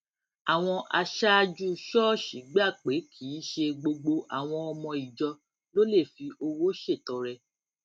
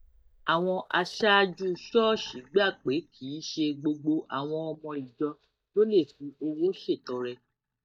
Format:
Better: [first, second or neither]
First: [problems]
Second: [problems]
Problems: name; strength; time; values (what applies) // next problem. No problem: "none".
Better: first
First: none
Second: noise reduction (neural mask model DeepFilterNet 3)